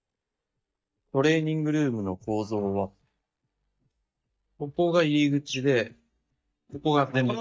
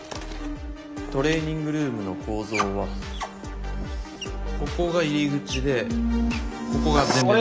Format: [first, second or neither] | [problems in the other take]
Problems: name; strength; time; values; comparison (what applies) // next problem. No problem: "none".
second | noise reduction (neural mask model DeepFilterNet 3)